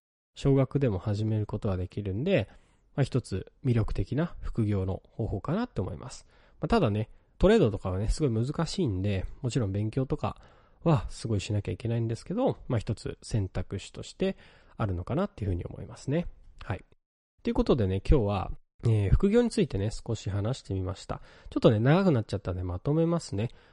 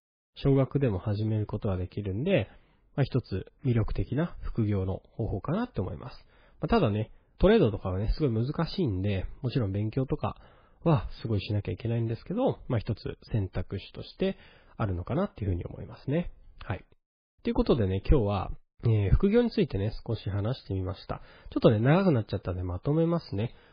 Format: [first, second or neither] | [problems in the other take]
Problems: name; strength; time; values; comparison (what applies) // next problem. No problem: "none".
first | garbled, watery; badly; nothing above 11 kHz; slightly in the first